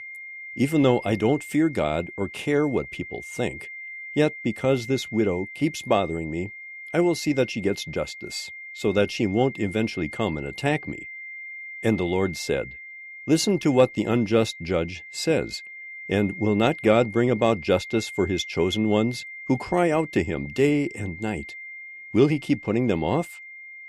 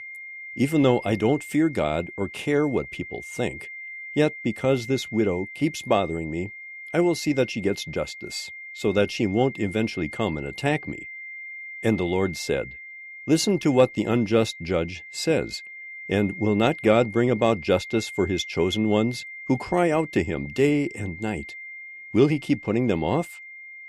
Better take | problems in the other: neither | high-pitched whine; noticeable; throughout; 2 kHz, 15 dB below the speech; the same in both

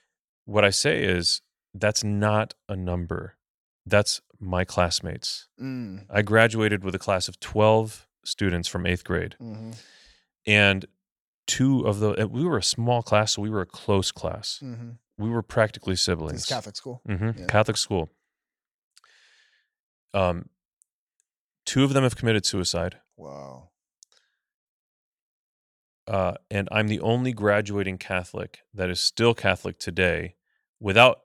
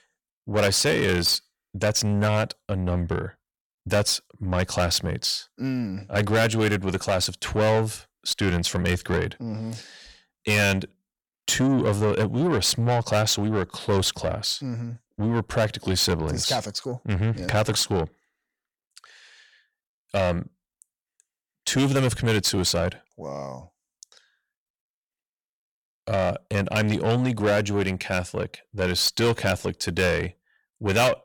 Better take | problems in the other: first | distortion; heavy; 6 dB below the speech

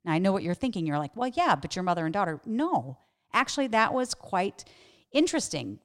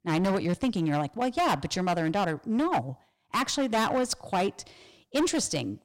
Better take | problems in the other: first | distortion; heavy; 13% of the sound clipped

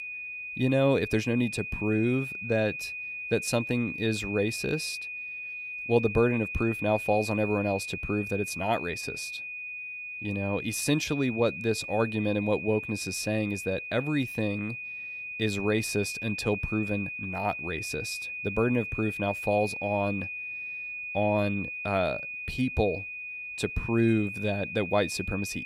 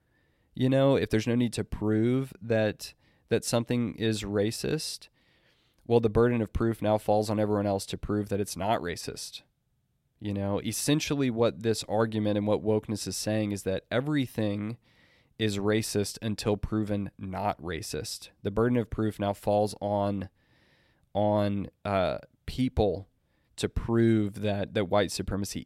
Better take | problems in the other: second | high-pitched whine; loud; throughout; 2.5 kHz, 6 dB below the speech

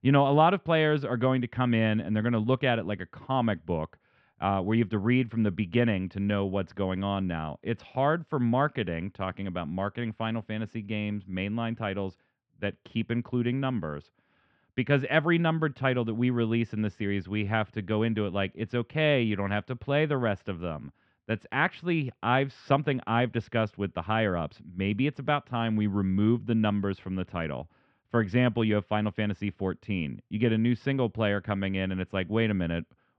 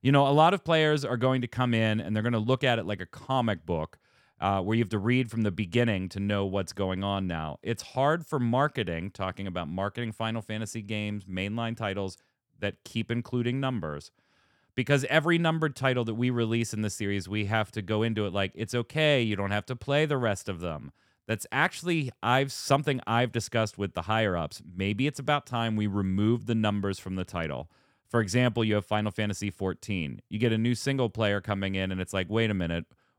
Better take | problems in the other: second | muffled; very; fading above 3 kHz

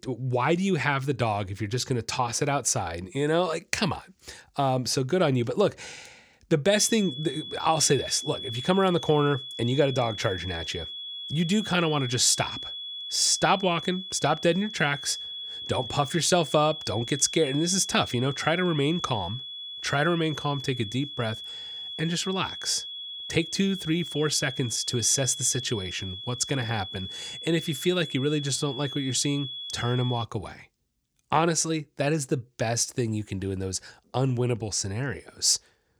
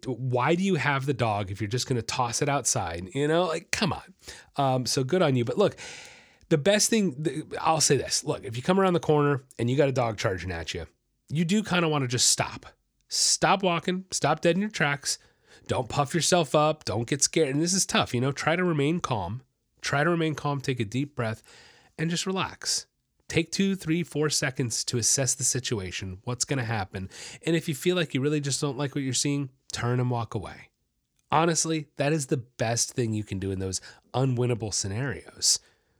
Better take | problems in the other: second | high-pitched whine; loud; from 6.5 to 30 s; 3.5 kHz, 9 dB below the speech

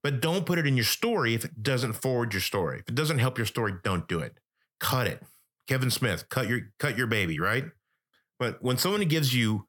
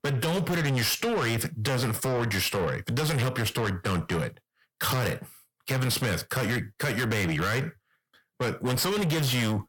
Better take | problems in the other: first | distortion; heavy; 7 dB below the speech

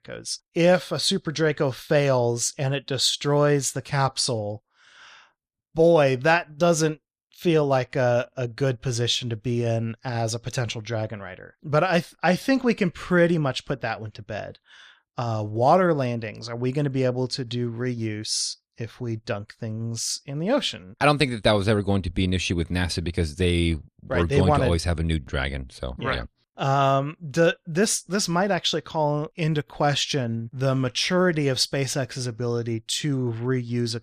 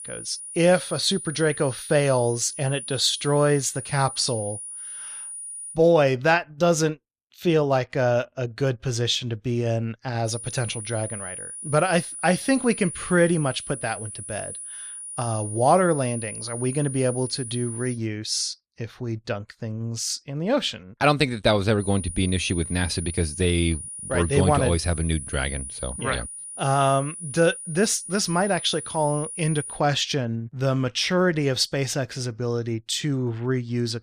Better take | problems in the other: first | high-pitched whine; loud; until 5.5 s, from 10 to 18 s and from 22 to 30 s; 9.5 kHz, 10 dB below the speech

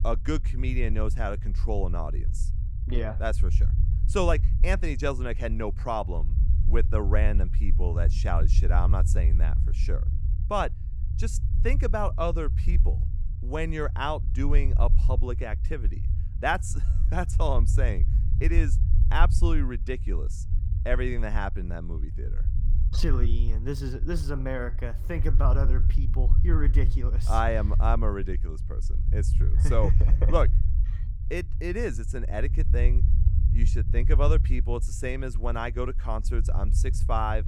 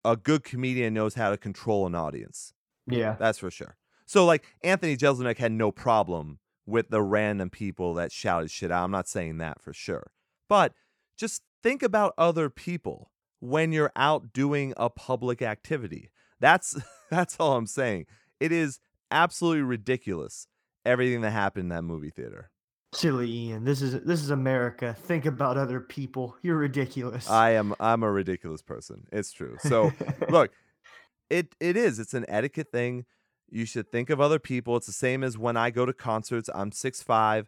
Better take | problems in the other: second | low rumble; noticeable; throughout; 15 dB below the speech

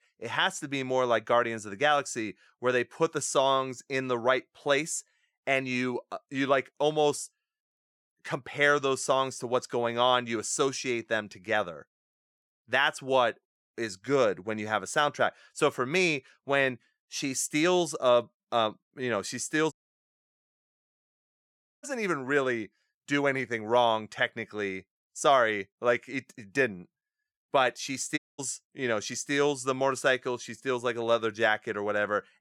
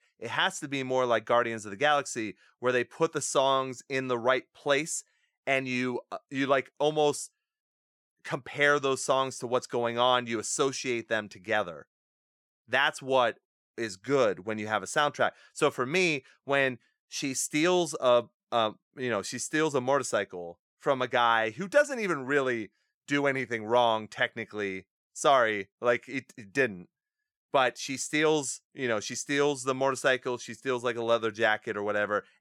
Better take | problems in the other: second | audio cutting out; at 20 s for 2 s and at 28 s

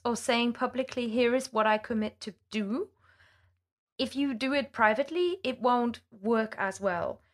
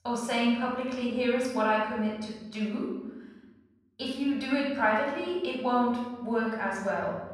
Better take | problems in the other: first | off-mic speech; far // room echo; noticeable; dies away in 1.1 s

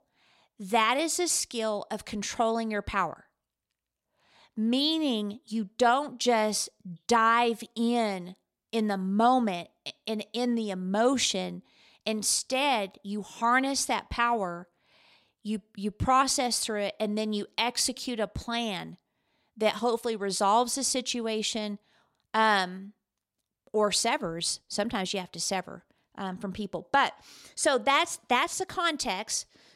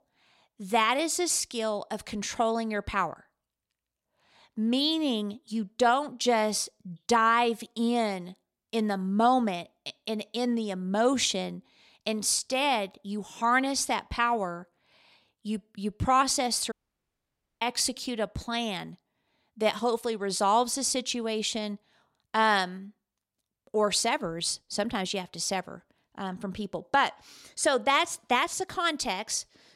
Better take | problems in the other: first | audio cutting out; at 17 s for 1 s

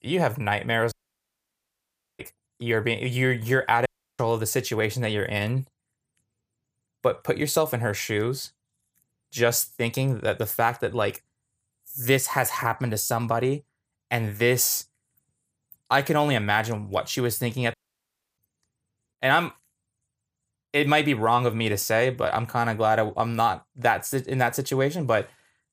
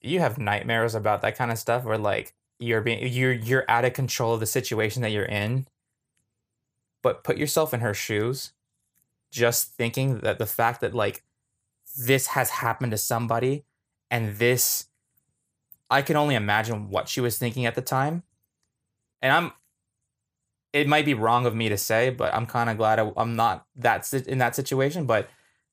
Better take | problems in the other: second | audio cutting out; at 1 s for 1.5 s, at 4 s and at 18 s for 0.5 s

